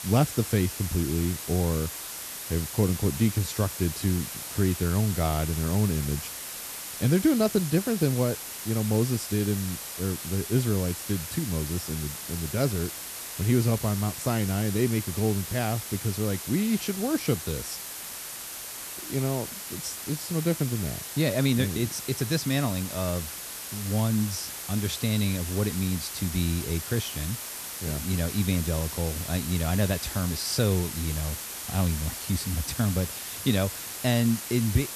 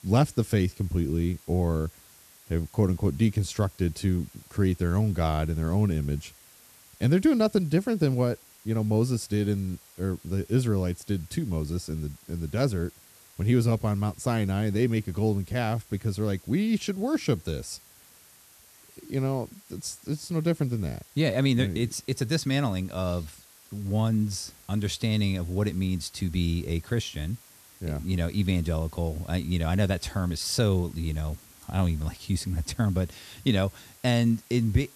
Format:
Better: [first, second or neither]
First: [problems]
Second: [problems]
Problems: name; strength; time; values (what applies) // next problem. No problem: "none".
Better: second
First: hiss; loud; throughout; 6 dB below the speech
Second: hiss; faint; throughout; 25 dB below the speech